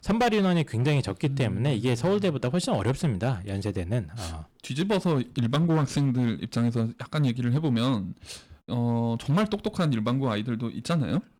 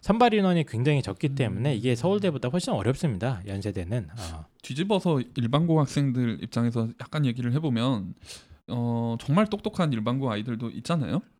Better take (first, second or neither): second